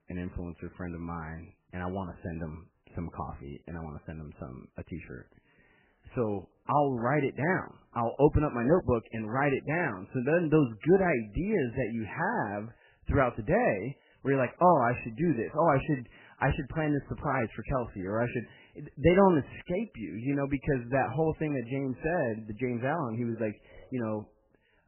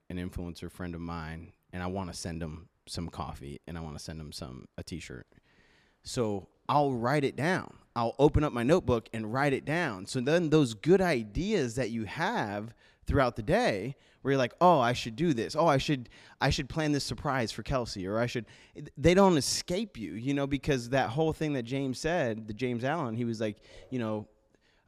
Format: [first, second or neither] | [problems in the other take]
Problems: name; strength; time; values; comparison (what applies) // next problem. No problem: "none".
second | garbled, watery; badly; nothing above 3 kHz